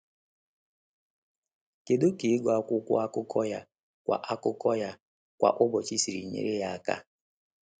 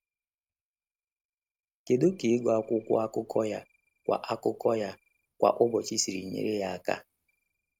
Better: first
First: none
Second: noise reduction (neural mask model RNNoise)

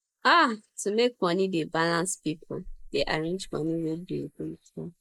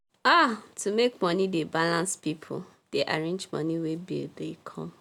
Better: second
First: noise reduction (neural mask model Resemble Enhance denoiser)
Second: none

